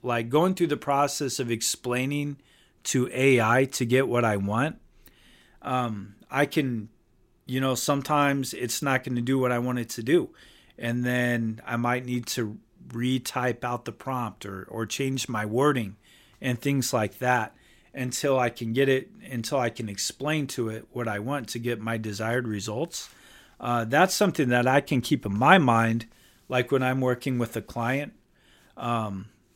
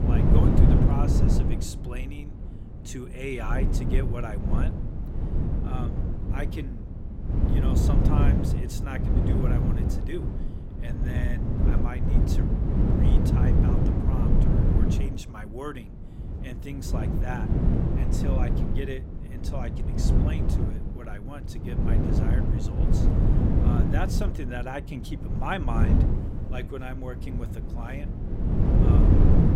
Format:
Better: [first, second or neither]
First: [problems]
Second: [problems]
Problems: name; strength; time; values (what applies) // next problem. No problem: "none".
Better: first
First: none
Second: wind noise on the microphone; heavy; 3 dB above the speech